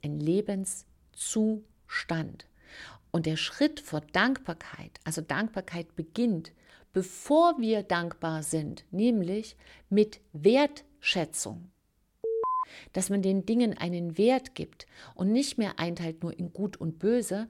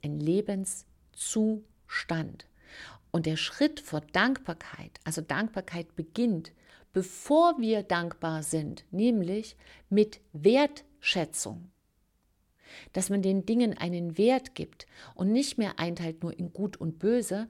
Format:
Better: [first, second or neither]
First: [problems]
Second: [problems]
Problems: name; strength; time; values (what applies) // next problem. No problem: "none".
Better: second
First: alarm; noticeable; at 12 s; peak level with the speech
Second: none